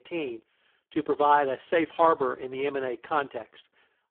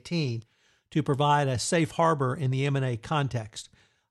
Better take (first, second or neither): second